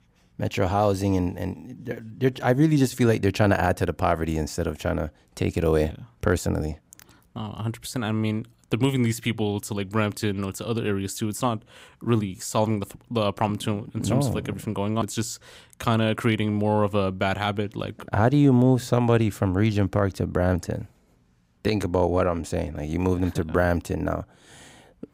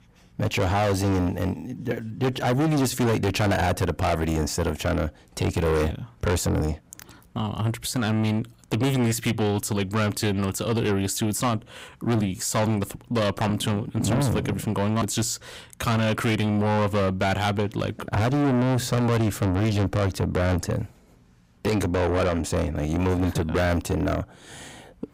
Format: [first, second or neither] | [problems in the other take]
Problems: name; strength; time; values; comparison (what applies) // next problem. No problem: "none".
first | distortion; heavy; 6 dB below the speech